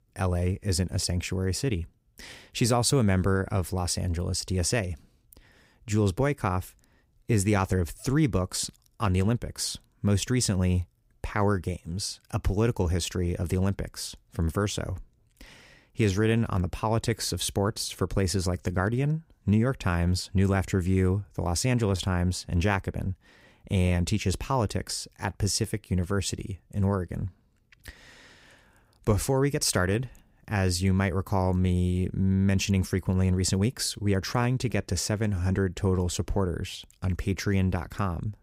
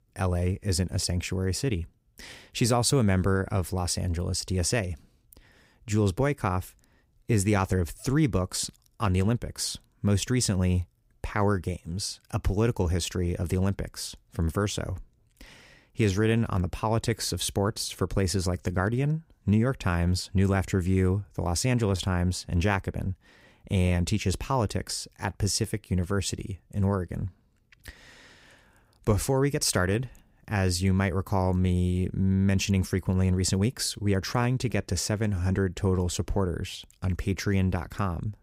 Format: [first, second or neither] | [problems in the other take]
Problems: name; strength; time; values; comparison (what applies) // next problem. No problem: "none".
neither | none